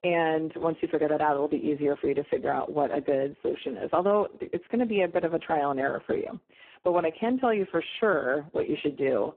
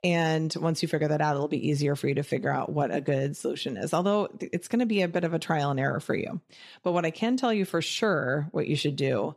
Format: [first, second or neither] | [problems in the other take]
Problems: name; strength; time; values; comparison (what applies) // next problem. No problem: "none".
second | phone-call audio; poor line